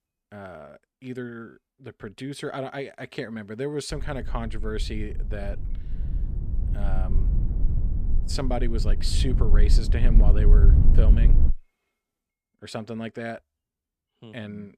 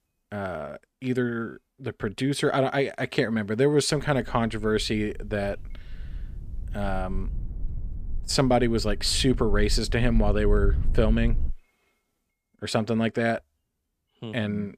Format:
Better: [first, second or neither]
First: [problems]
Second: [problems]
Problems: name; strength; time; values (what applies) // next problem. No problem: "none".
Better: second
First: low rumble; loud; from 4 to 12 s; 7 dB below the speech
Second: low rumble; faint; from 4 to 12 s; 25 dB below the speech